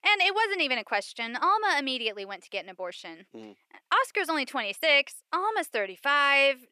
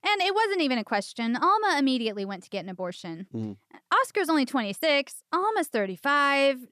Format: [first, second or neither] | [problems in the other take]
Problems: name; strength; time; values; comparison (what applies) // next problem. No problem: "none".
second | thin; somewhat; fading below 500 Hz